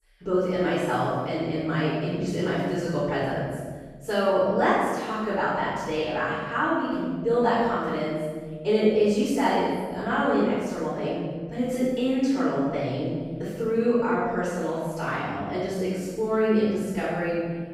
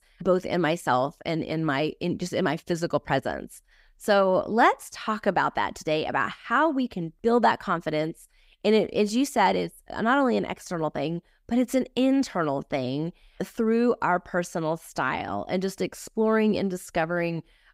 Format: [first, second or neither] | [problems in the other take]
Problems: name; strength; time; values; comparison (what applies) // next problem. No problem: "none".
second | off-mic speech; far // room echo; strong; dies away in 1.6 s